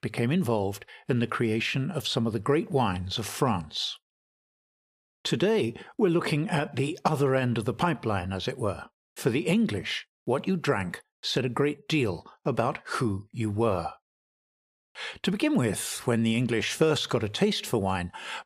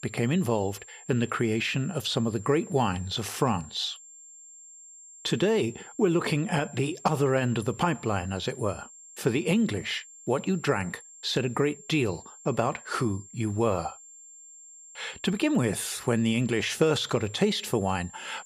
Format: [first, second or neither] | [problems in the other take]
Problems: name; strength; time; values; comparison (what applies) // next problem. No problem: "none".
first | high-pitched whine; noticeable; throughout; 7.5 kHz, 20 dB below the speech